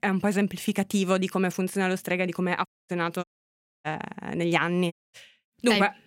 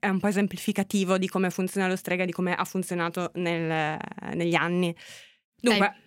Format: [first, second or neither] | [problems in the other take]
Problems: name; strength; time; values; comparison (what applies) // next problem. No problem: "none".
second | audio cutting out; at 2.5 s, at 3 s for 0.5 s and at 5 s